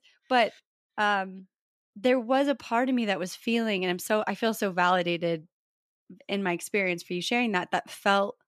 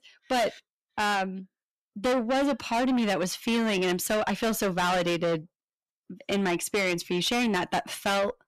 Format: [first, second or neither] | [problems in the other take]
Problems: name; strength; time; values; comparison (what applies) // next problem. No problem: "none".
first | distortion; heavy; 5 dB below the speech